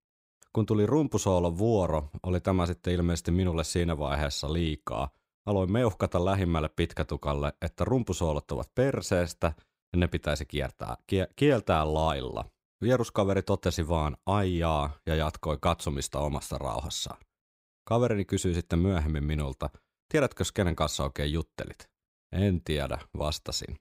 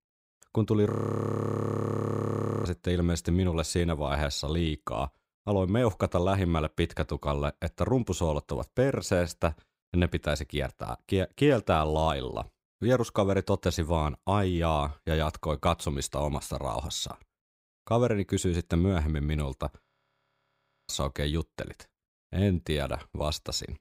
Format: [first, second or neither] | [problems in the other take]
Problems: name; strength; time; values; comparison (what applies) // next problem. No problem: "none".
first | audio freezing; at 1 s for 1.5 s and at 20 s for 1 s